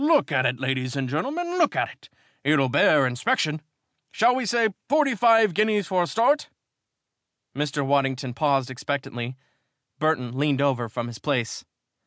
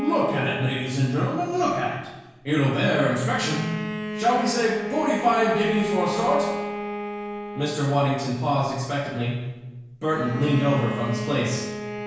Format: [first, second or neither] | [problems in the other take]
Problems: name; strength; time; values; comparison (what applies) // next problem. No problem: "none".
first | background sound (Bowed string instrument); 9 dB below the speech // room echo; dies away in 1 s